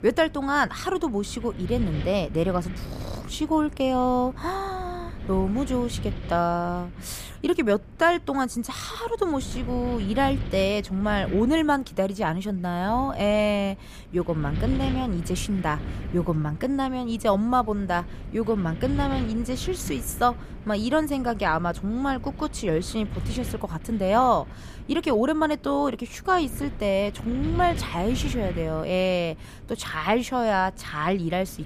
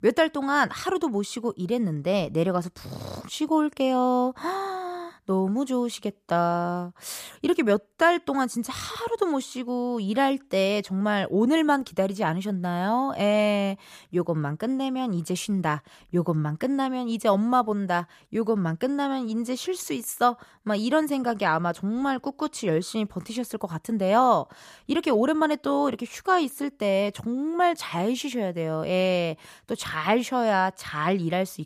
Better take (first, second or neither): second